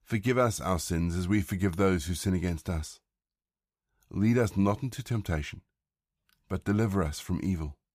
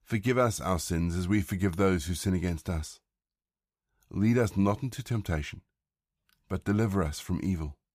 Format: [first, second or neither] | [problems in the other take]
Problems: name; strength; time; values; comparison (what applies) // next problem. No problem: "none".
neither | none